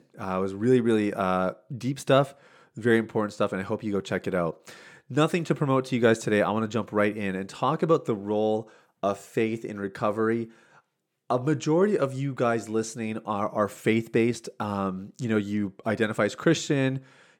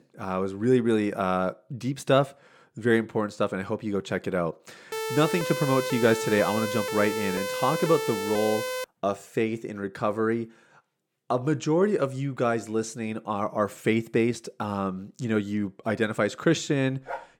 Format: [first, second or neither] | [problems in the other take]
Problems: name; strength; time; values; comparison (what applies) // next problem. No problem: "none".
first | siren; noticeable; from 5 to 9 s; peak 3 dB below the speech // dog barking; faint; at 17 s; peak 10 dB below the speech